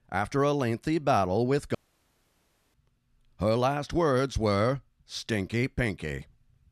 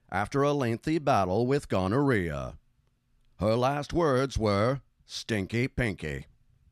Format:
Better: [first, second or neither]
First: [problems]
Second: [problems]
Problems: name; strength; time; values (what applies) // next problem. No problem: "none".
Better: second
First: audio cutting out; at 2 s for 1 s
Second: none